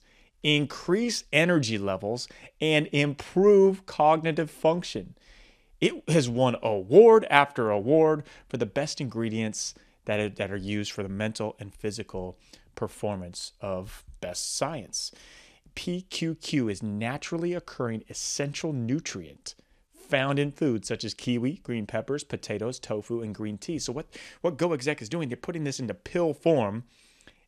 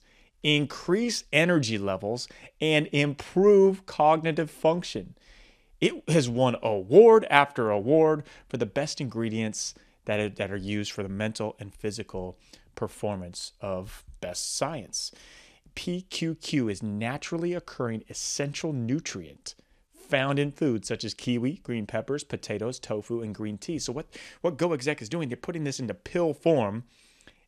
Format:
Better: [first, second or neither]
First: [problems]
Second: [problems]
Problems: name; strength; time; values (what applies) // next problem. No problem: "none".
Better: neither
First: none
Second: none